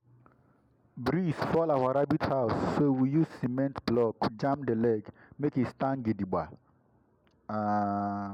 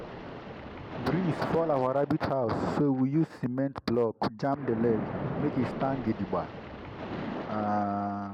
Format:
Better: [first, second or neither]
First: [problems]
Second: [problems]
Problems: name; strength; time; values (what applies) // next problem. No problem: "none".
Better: first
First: none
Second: background sound (Splash, splatter); 9 dB below the speech